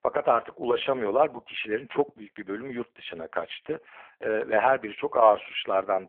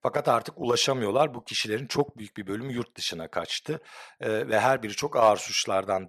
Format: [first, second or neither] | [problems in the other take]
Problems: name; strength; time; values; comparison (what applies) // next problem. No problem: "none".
second | phone-call audio; poor line; nothing above 3.5 kHz